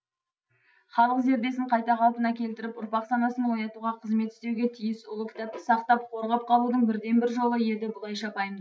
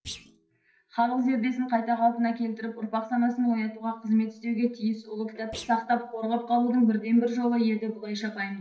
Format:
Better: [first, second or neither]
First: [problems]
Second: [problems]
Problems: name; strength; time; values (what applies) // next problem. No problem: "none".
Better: first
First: none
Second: noise reduction (neural separator model SepFormer DNS4)